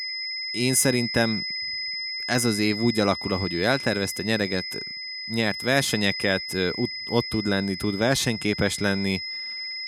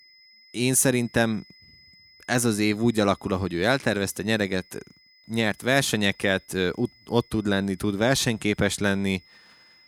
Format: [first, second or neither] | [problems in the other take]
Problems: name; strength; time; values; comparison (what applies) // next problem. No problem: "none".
second | high-pitched whine; loud; throughout; 5 kHz, 5 dB below the speech; faint in the second